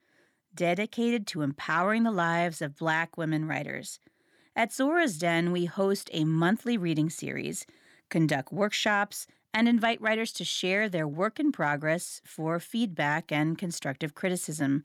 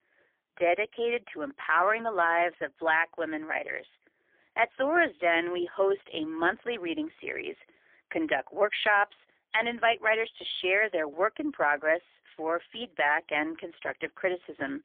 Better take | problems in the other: first | phone-call audio; poor line; nothing above 3.5 kHz

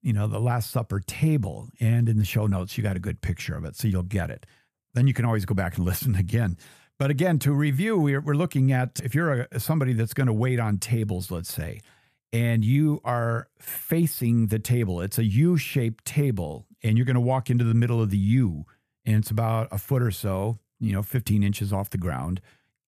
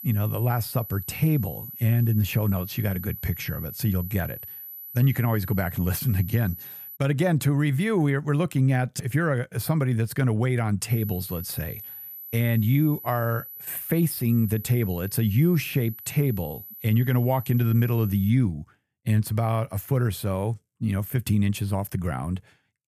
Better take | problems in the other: first | high-pitched whine; noticeable; until 7 s and from 11 to 18 s; 12 kHz, 10 dB below the speech

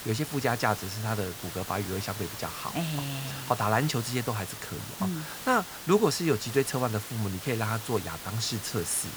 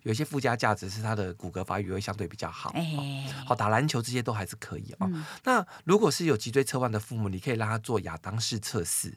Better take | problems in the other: second | hiss; loud; throughout; 8 dB below the speech

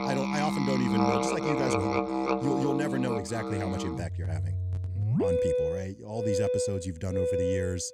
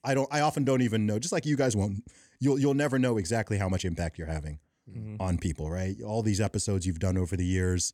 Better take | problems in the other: second | background music; very loud; throughout; 3 dB above the speech

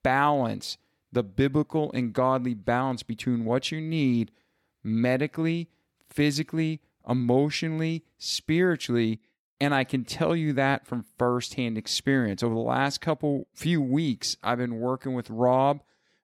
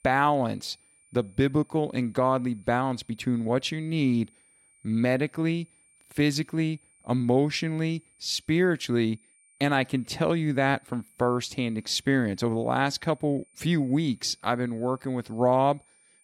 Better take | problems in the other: first | high-pitched whine; faint; throughout; 9 kHz, 30 dB below the speech

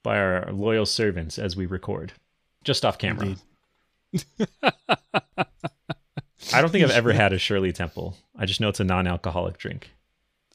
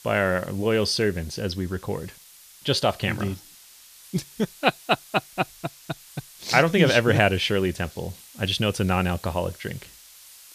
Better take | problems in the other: first | hiss; faint; throughout; 20 dB below the speech

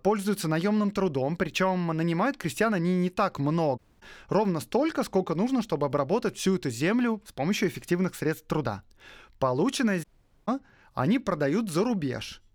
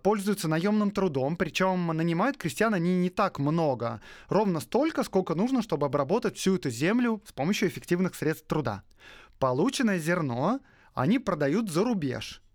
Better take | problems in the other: second | audio cutting out; at 4 s and at 10 s

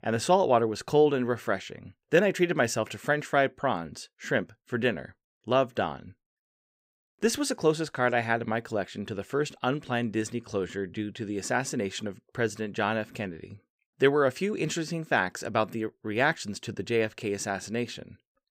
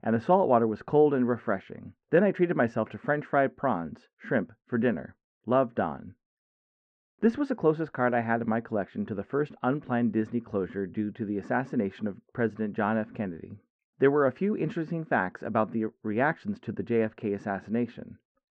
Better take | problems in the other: first | muffled; very; fading above 1.5 kHz

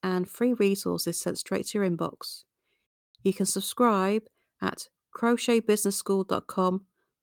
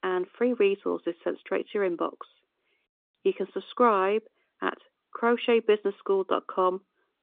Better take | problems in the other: first | phone-call audio

